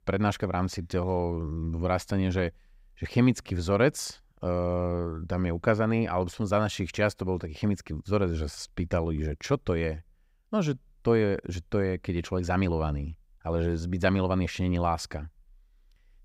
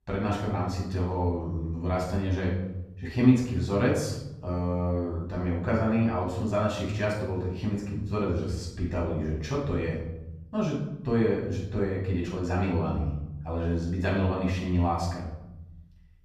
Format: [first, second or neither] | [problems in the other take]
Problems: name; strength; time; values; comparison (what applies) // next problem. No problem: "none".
first | off-mic speech; far // room echo; noticeable; dies away in 1.1 s